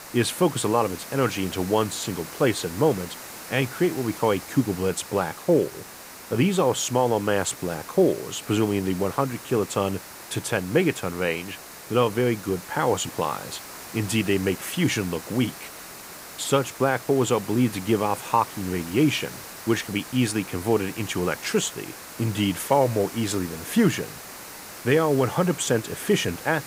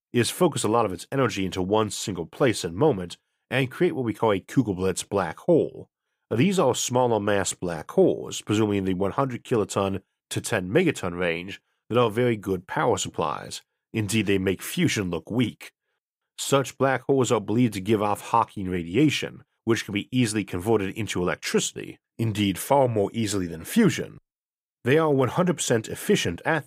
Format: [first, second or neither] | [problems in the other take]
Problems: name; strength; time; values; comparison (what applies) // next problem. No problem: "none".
second | hiss; noticeable; throughout; 15 dB below the speech